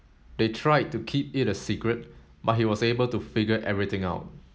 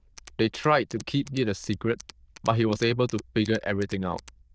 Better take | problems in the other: first | noise reduction (neural diffusion model UNIVERSE++)

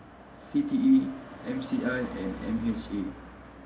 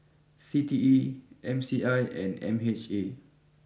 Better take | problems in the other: second | background sound (Car passing by); 14 dB below the speech // room echo; dies away in 0.5 s

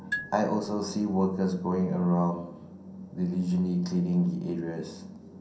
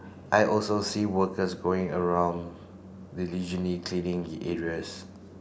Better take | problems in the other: second | background sound (Marimba, xylophone); 12 dB below the speech // room echo; dies away in 0.6 s

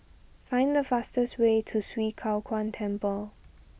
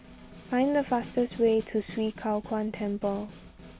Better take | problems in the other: first | background sound (Snare drum); 18 dB below the speech

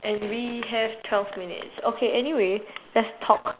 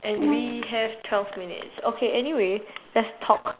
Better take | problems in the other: first | background sound (Brass instrument); 2 dB below the speech

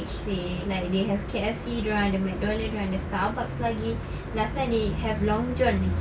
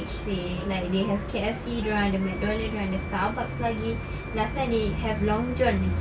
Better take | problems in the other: first | background sound (Wind instrument, woodwind instrument); 18 dB below the speech

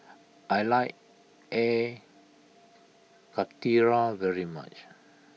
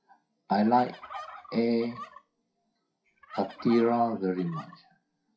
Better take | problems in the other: first | noise reduction (classical method WPE with log-MMSE)

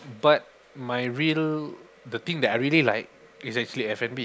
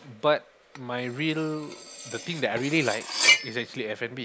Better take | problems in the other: first | background sound (Cutlery, silverware); as loud as the speech

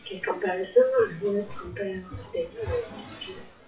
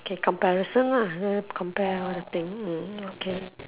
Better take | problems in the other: second | noise reduction (classical method WPE with log-MMSE)

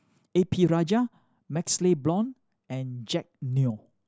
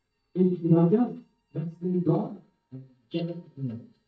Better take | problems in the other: first | noise reduction (neural mask model DeepFilterNet 3)

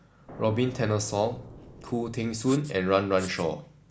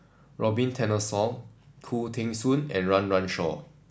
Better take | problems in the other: second | background sound (Writing + Explosion); 18 dB below the speech

